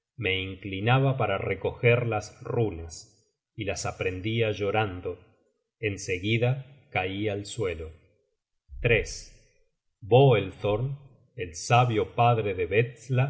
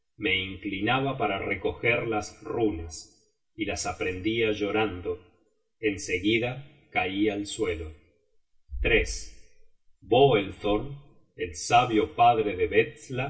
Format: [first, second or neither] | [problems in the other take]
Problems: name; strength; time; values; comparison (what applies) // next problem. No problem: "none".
first | room echo; dies away in 0.1 s